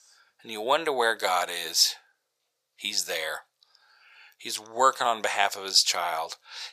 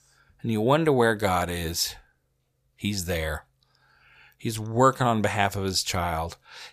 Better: second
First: thin; very; fading below 650 Hz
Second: none

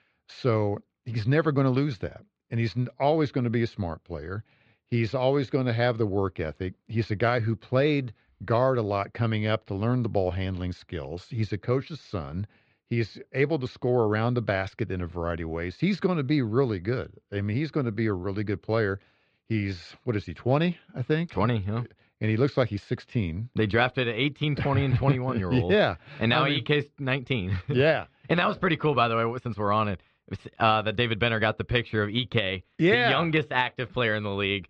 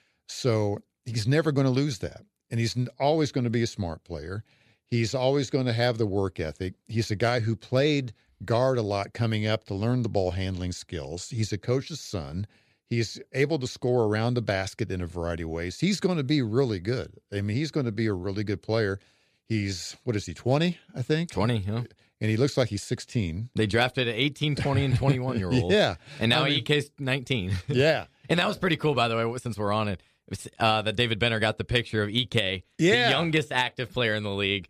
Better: second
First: muffled; slightly; fading above 3.5 kHz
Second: none

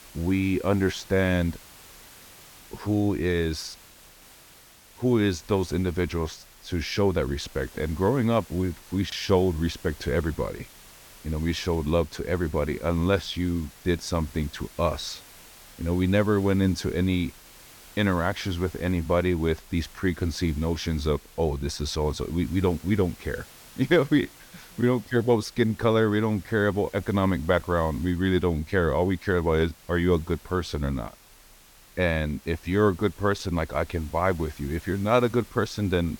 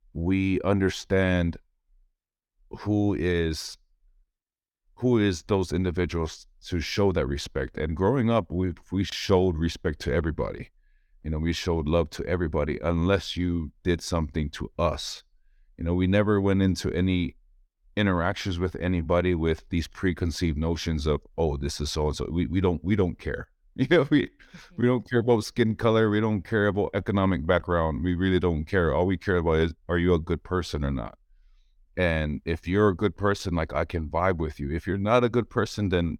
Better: second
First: hiss; faint; throughout; 20 dB below the speech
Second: none

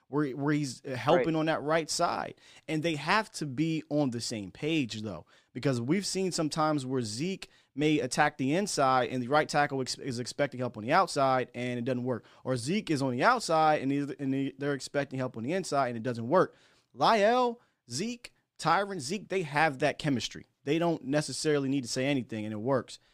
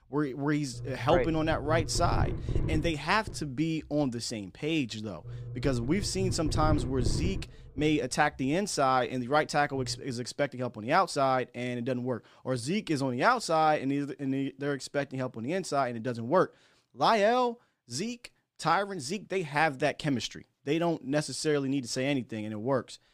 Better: first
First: none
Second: low rumble; noticeable; until 10 s; 15 dB below the speech

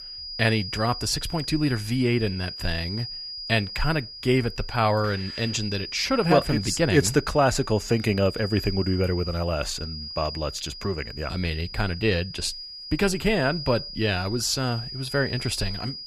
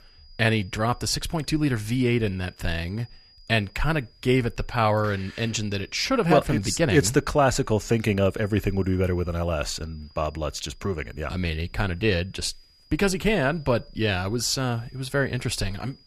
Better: second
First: high-pitched whine; loud; throughout; 5 kHz, 9 dB below the speech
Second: high-pitched whine; faint; throughout; 5 kHz, 30 dB below the speech

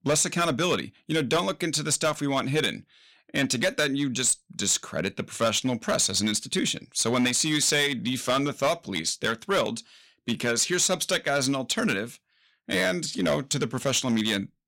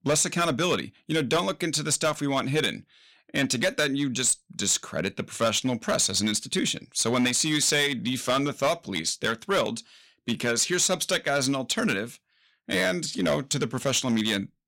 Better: neither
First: distortion; slight; 7% of the sound clipped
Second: distortion; slight; 7% of the sound clipped

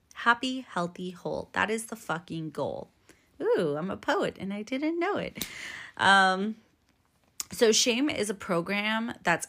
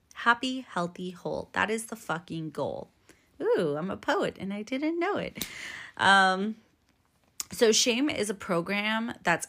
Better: neither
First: none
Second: none

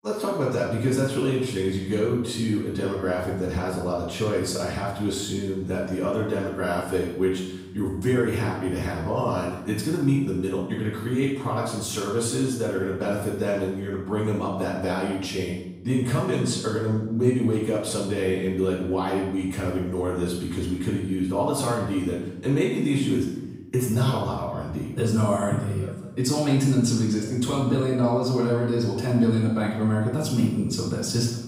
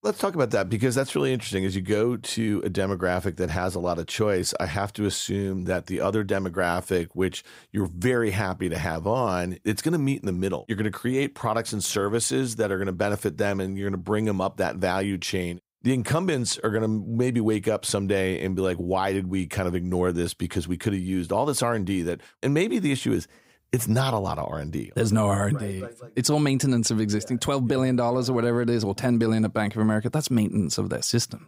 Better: second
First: room echo; noticeable; dies away in 0.8 s // off-mic speech; far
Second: none

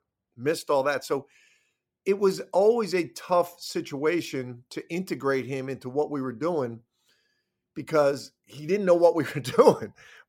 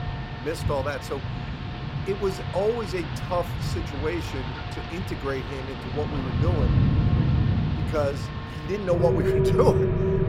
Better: first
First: none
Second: rain or running water; very loud; throughout; 2 dB above the speech

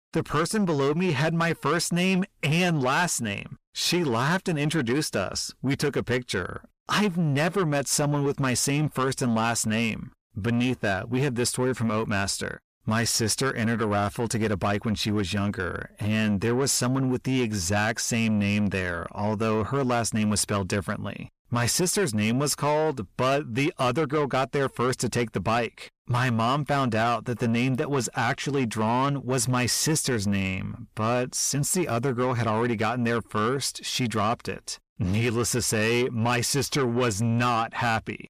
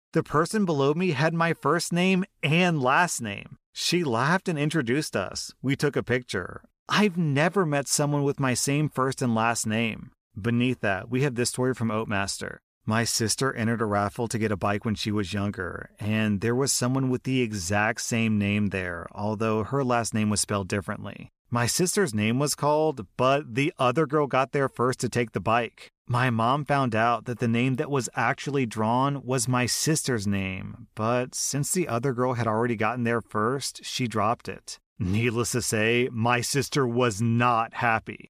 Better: second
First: distortion; slight; 10 dB below the speech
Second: none

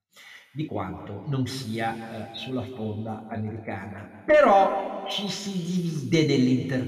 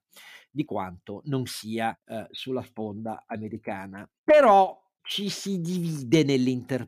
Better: second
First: room echo; noticeable; dies away in 2.1 s // off-mic speech; somewhat distant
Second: none

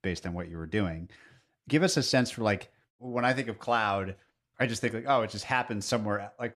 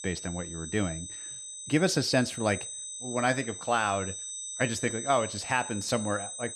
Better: first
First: none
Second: high-pitched whine; loud; throughout; 8 kHz, 8 dB below the speech

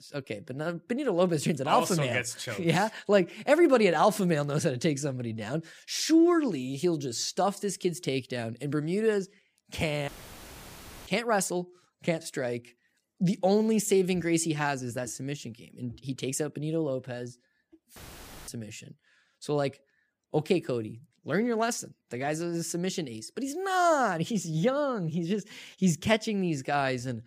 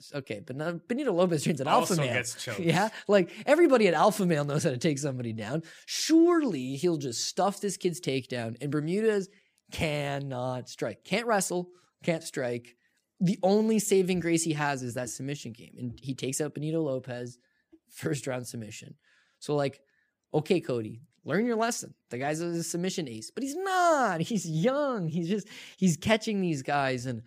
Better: second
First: audio cutting out; filled with static; at 10 s for 1 s and at 18 s for 0.5 s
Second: none

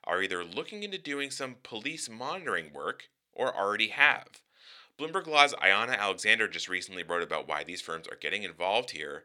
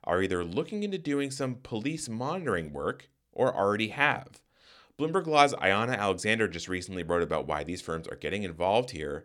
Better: second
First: thin; somewhat; fading below 750 Hz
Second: none

